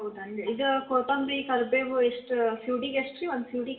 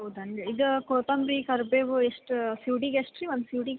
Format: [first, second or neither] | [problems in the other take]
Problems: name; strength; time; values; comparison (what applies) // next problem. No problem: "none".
second | room echo; dies away in 0.7 s